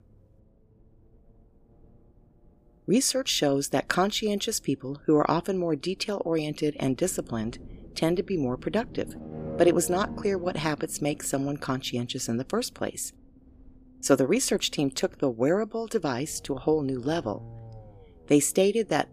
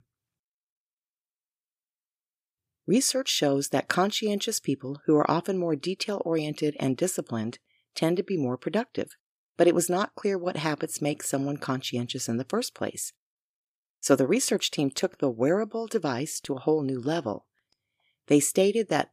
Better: second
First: low rumble; noticeable; throughout; 20 dB below the speech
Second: none

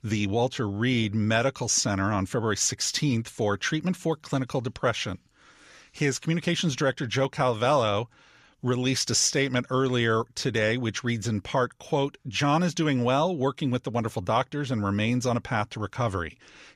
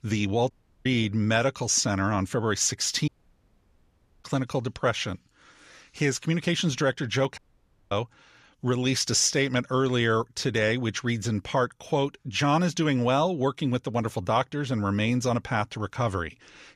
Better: first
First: none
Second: audio cutting out; at 0.5 s, at 3 s for 1 s and at 7.5 s for 0.5 s

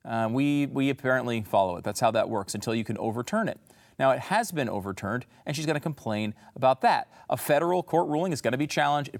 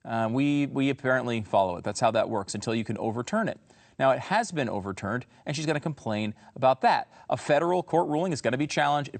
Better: first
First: none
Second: garbled, watery; slightly; nothing above 8.5 kHz

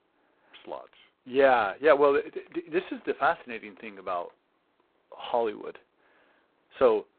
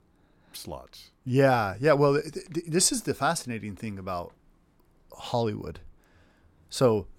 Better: second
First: phone-call audio; poor line; nothing above 4 kHz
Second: none

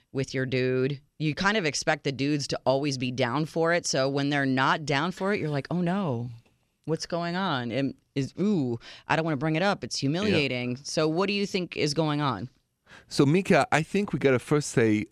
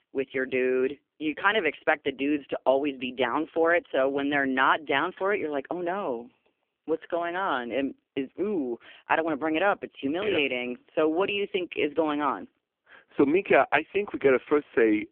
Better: first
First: none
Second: phone-call audio; poor line; nothing above 3 kHz

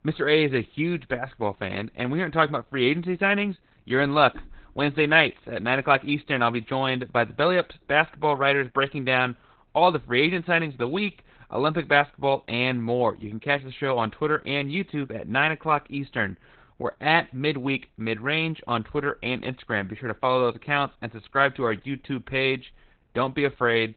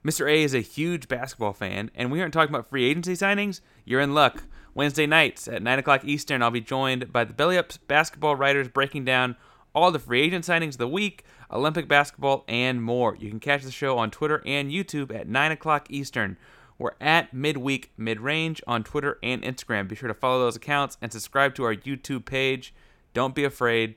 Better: second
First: garbled, watery; badly; nothing above 4 kHz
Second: none

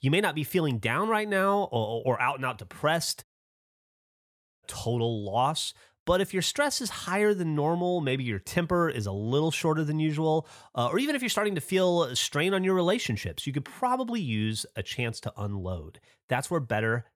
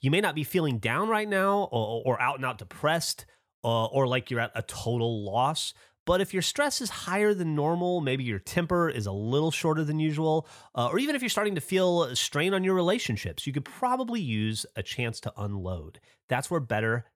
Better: second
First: audio cutting out; at 3 s for 1.5 s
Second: none

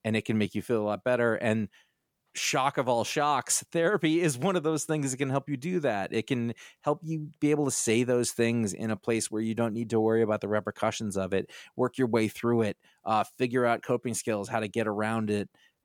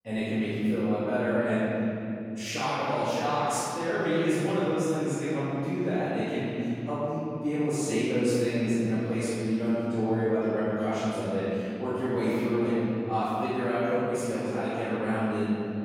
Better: first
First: none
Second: off-mic speech; far // room echo; strong; dies away in 2.9 s

